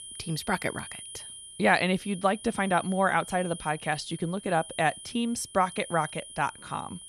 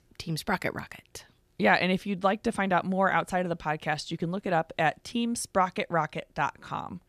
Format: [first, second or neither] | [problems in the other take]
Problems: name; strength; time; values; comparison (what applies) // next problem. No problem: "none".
second | high-pitched whine; noticeable; throughout; 10.5 kHz, 15 dB below the speech